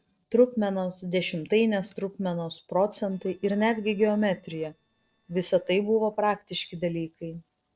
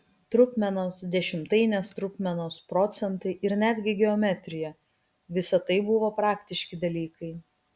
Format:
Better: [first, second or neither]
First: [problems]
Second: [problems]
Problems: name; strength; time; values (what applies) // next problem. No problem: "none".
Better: second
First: noise reduction (neural separator model SepFormer DNS4)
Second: none